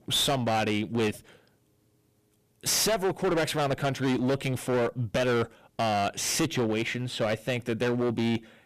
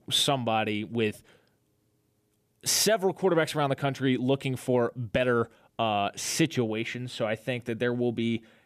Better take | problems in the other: second | distortion; heavy; 20% of the sound clipped

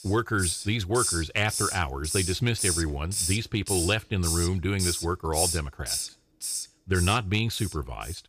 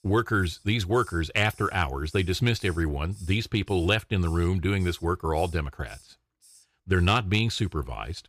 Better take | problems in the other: second | hiss; loud; throughout; 2 dB below the speech; faint in the second

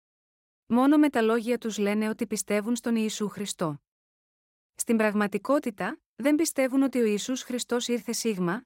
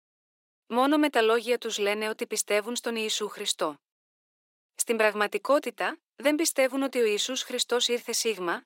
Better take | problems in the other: first | thin; somewhat; fading below 350 Hz

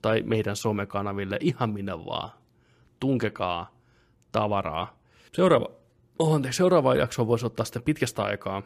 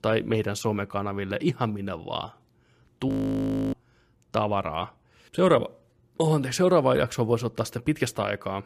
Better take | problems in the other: first | audio freezing; at 3 s for 0.5 s

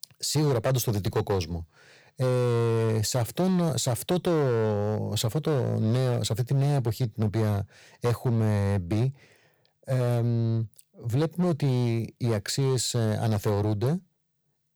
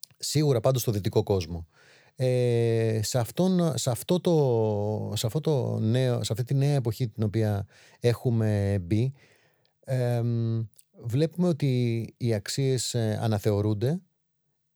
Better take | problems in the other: second | distortion; slight; 12% of the sound clipped

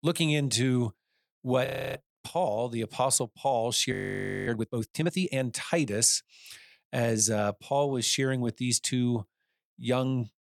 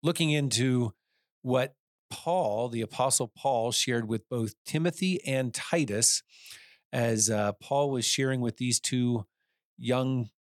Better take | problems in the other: second | audio freezing; at 1.5 s and at 4 s for 0.5 s

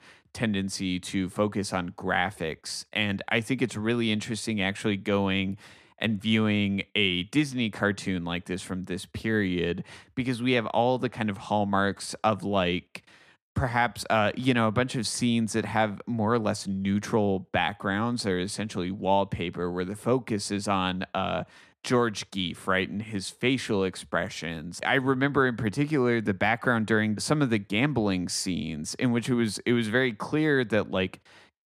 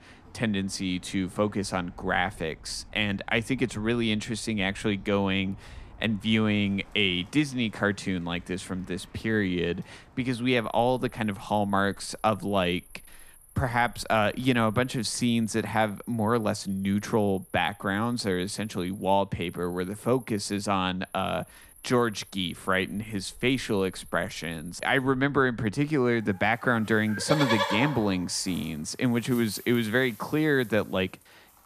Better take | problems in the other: first | animal sounds; noticeable; throughout; 15 dB below the speech

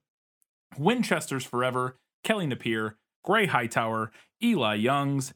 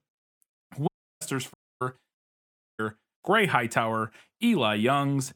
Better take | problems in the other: first | audio cutting out; at 1 s, at 1.5 s and at 2 s for 0.5 s

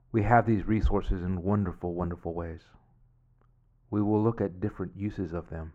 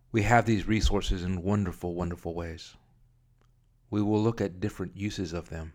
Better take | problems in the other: second | muffled; very; fading above 2.5 kHz

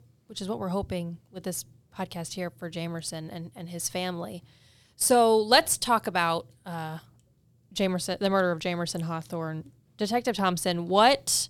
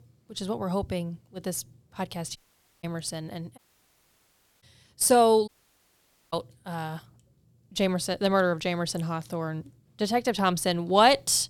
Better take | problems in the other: first | audio cutting out; at 2.5 s, at 3.5 s for 1 s and at 5.5 s for 1 s

